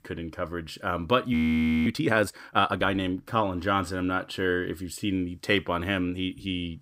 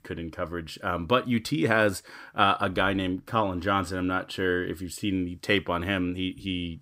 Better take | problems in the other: second | audio freezing; at 1.5 s for 0.5 s

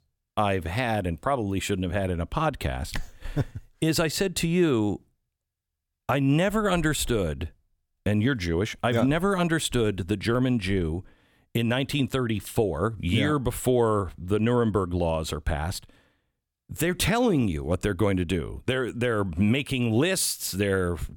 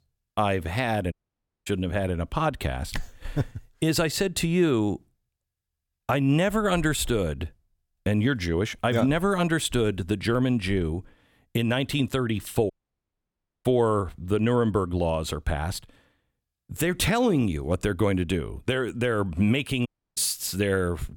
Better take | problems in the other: first | audio cutting out; at 1 s for 0.5 s, at 13 s for 1 s and at 20 s

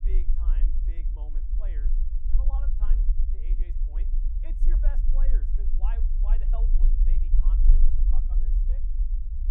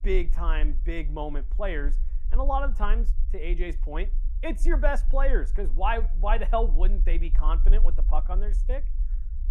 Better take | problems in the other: second | low rumble; loud; throughout; 1 dB below the speech; faint in the second

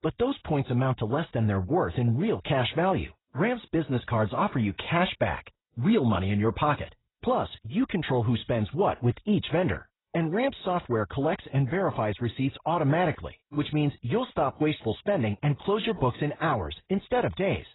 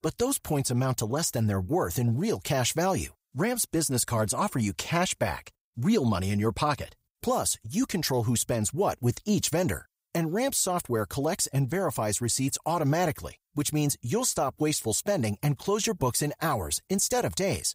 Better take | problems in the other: second | garbled, watery; badly; nothing above 4 kHz

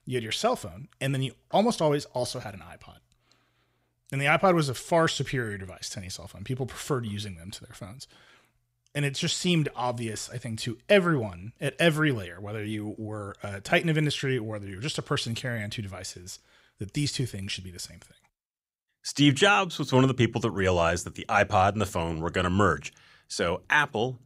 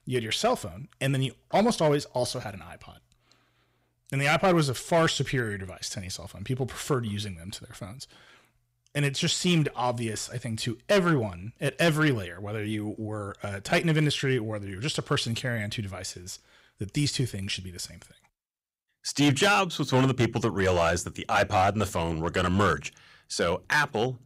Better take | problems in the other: first | distortion; slight; 3% of the sound clipped

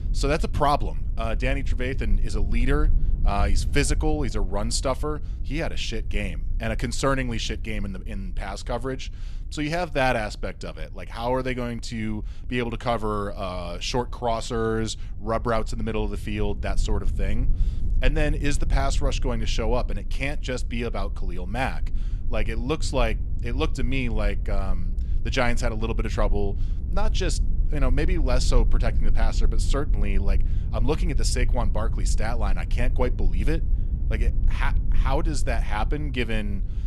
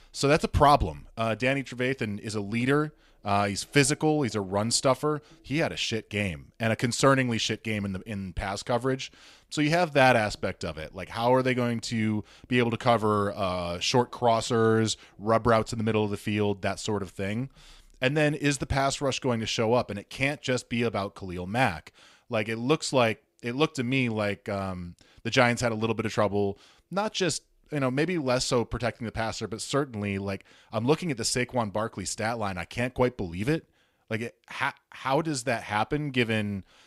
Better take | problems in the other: second | low rumble; noticeable; throughout; 20 dB below the speech

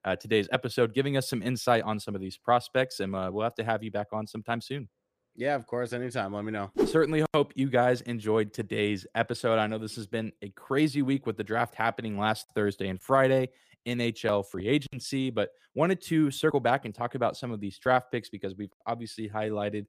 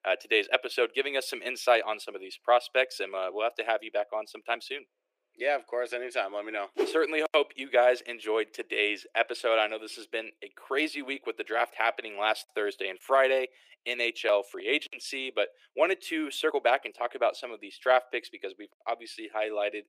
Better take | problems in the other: first | thin; very; fading below 350 Hz

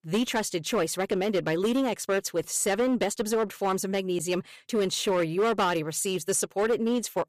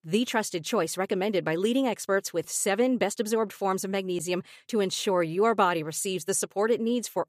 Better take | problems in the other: second | distortion; slight; 9% of the sound clipped

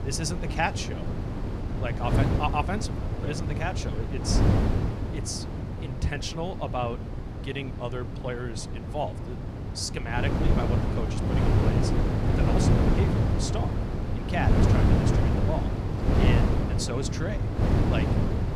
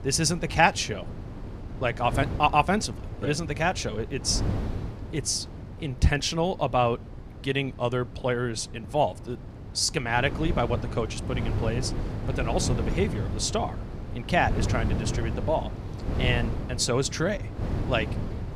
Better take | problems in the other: second | wind noise on the microphone; heavy; as loud as the speech; occasional gusts in the second

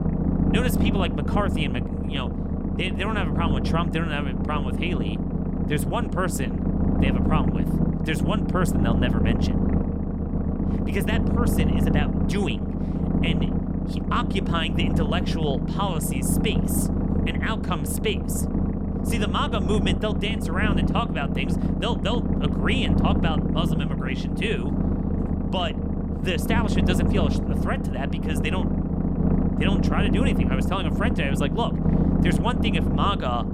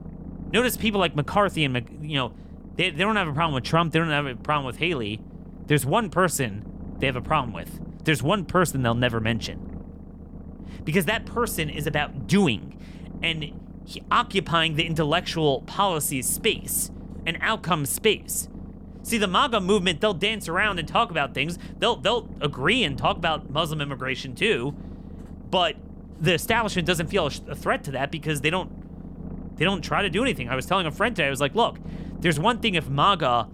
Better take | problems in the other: second | low rumble; loud; throughout; 3 dB below the speech; faint in the second

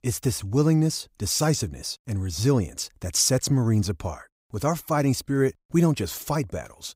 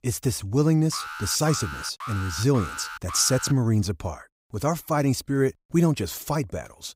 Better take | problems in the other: first | alarm; noticeable; from 1 to 3.5 s; peak 9 dB below the speech

